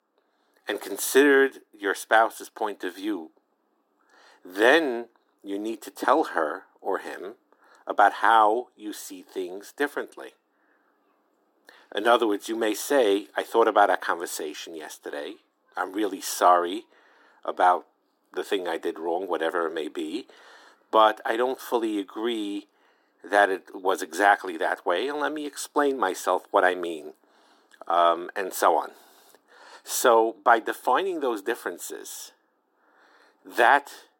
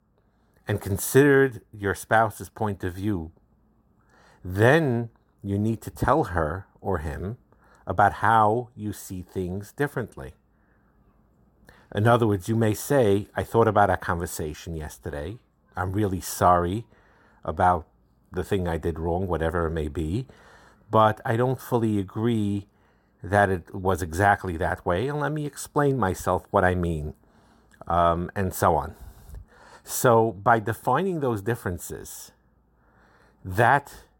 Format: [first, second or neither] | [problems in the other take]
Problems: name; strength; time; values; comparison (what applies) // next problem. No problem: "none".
second | thin; somewhat; fading below 300 Hz